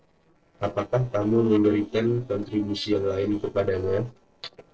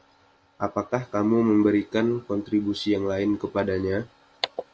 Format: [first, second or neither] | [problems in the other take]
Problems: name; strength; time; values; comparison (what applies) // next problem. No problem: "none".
second | noise reduction (neural separator model SepFormer DNS4)